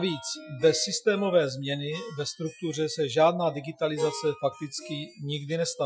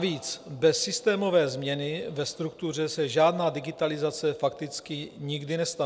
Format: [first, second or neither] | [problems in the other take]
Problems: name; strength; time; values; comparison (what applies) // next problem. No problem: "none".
second | noise reduction (classical method Wiener filter)